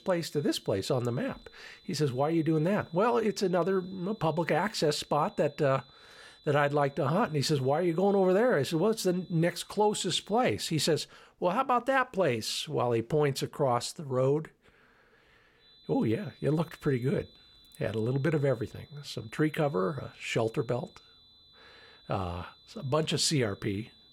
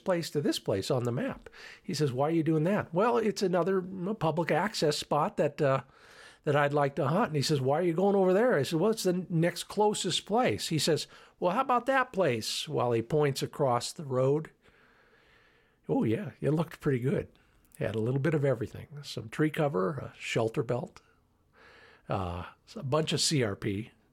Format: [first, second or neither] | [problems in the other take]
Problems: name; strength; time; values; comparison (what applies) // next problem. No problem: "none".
second | high-pitched whine; faint; until 10 s and from 16 s on; 4 kHz, 25 dB below the speech